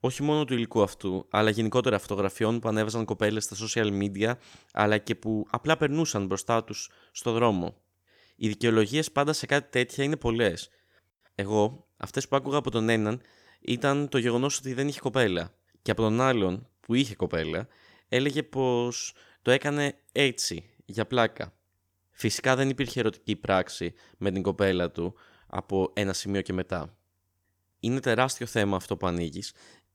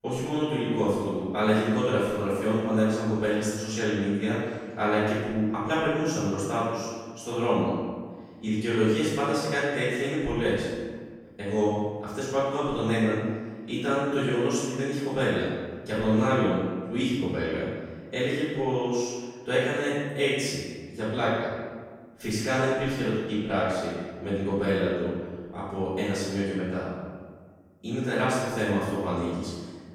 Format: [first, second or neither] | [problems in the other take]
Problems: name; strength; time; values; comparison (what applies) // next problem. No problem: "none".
first | off-mic speech; far // room echo; strong; dies away in 1.3 s